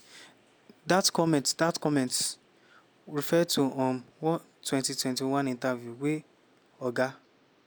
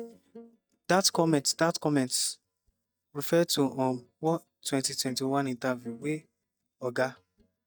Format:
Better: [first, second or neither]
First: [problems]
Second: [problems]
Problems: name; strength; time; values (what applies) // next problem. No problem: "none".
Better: first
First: none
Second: noise reduction (neural mask model DeepFilterNet 3)